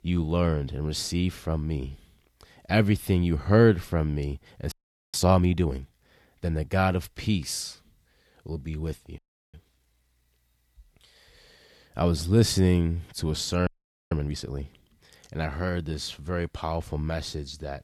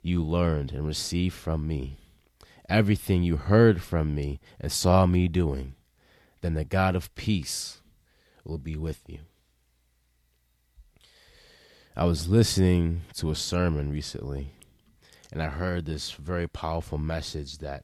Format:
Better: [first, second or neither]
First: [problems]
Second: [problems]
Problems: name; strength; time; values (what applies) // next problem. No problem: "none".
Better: second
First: audio freezing; at 4.5 s, at 9 s and at 14 s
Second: none